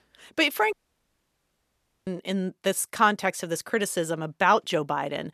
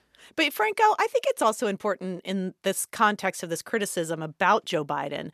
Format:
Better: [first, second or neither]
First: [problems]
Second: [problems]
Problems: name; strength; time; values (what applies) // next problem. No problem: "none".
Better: second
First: audio cutting out; at 0.5 s for 1.5 s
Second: none